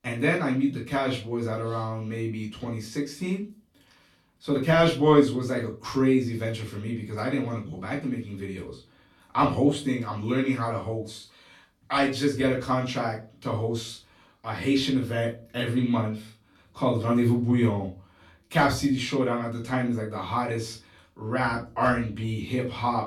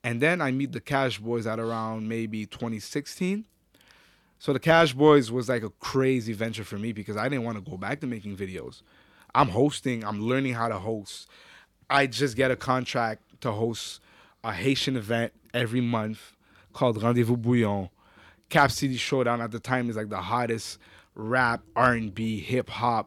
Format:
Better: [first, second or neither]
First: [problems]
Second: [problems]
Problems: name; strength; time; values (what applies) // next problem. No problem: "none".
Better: second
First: off-mic speech; far // room echo; slight; dies away in 0.3 s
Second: none